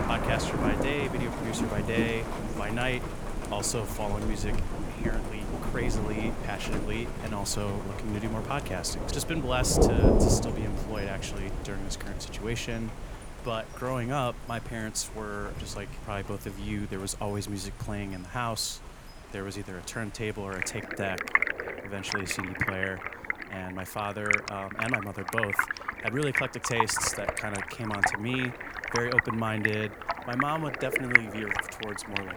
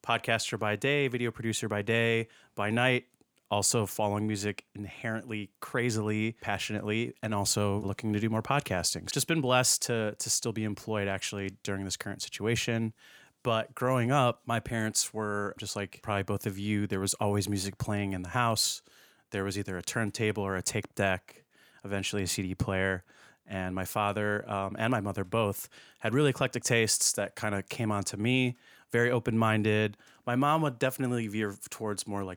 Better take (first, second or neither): second